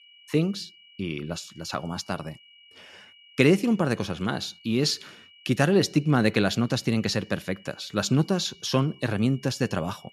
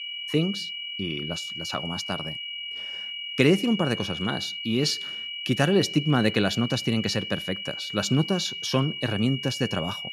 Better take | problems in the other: first | high-pitched whine; loud; throughout; 3 kHz, 6 dB below the speech; faint in the first

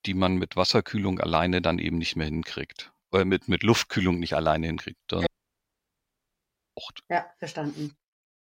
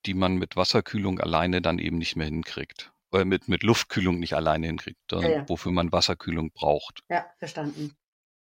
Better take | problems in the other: second | audio cutting out; at 5.5 s for 1.5 s

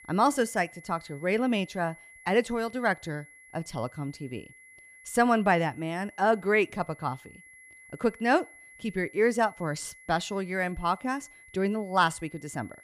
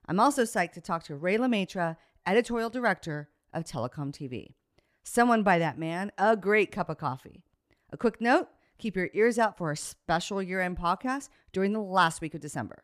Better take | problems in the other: second | high-pitched whine; faint; throughout; 2 kHz, 20 dB below the speech

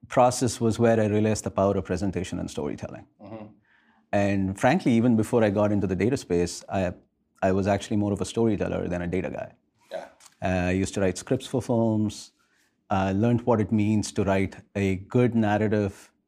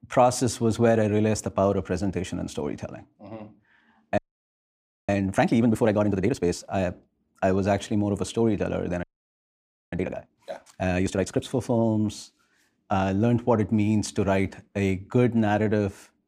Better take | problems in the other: first | audio freezing; at 4 s for 1 s and at 9 s for 1 s

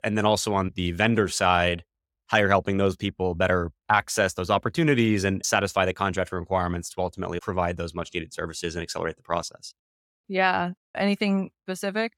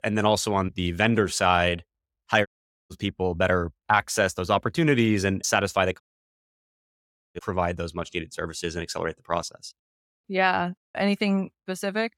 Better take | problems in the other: first | audio cutting out; at 2.5 s and at 6 s for 1.5 s

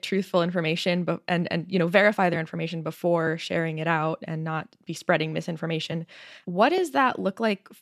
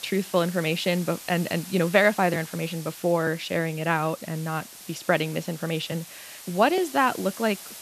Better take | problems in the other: first | hiss; noticeable; throughout; 15 dB below the speech

